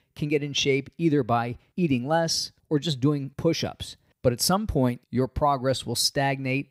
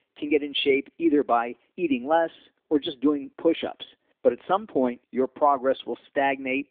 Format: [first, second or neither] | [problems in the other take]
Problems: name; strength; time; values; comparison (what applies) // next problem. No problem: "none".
first | phone-call audio; nothing above 3.5 kHz